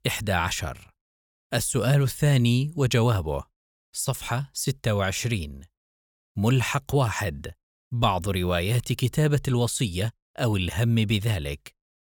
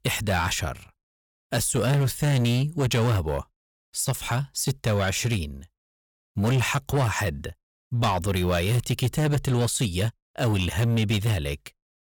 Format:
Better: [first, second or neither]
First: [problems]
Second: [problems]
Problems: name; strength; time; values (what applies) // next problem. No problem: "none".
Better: first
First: none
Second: distortion; slight; 12% of the sound clipped